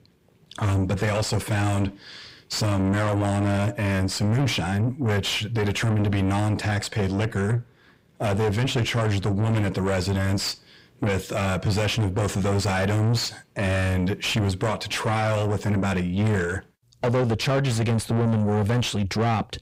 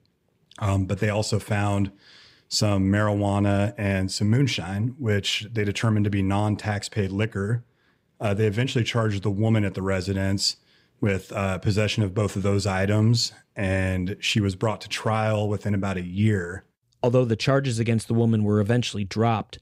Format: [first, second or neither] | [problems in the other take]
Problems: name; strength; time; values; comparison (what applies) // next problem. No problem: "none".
second | distortion; heavy; 6 dB below the speech